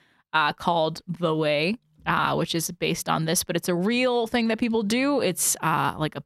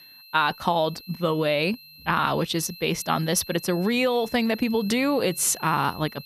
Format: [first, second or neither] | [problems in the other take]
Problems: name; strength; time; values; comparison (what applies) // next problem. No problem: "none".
first | high-pitched whine; noticeable; throughout; 4 kHz, 20 dB below the speech